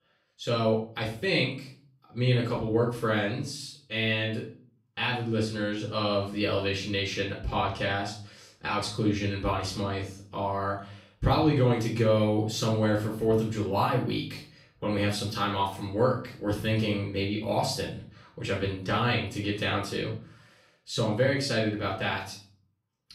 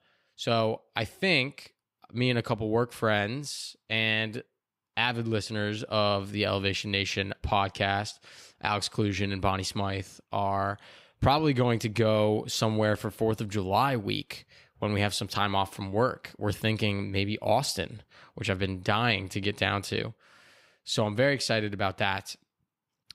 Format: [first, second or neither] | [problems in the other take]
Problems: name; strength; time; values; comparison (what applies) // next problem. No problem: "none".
second | room echo; slight; dies away in 0.4 s // off-mic speech; far